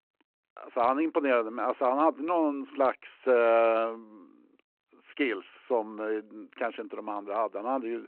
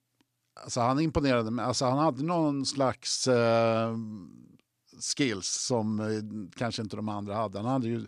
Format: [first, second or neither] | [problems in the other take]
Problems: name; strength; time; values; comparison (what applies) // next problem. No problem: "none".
second | phone-call audio